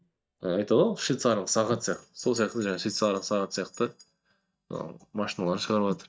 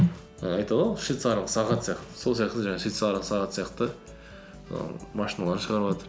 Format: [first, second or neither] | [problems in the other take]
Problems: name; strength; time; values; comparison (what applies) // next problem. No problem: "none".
second | noise reduction (neural mask model DeepFilterNet 3)